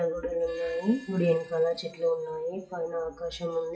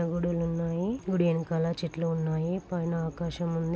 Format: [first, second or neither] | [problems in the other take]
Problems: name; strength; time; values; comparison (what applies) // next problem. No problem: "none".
second | noise reduction (classical method WPE with log-MMSE)